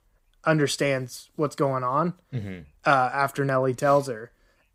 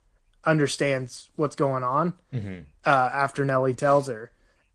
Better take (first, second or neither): first